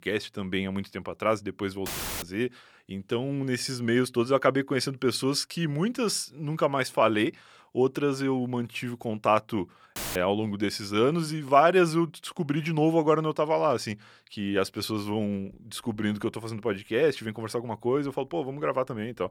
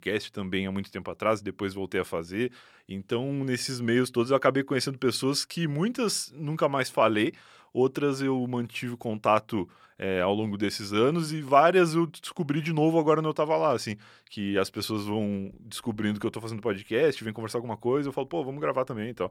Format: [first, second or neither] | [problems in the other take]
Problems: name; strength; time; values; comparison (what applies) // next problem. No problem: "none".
second | audio cutting out; filled with static; at 2 s and at 10 s